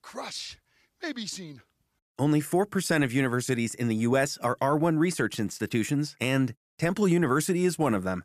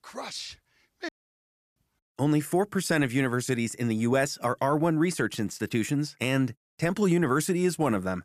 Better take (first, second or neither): first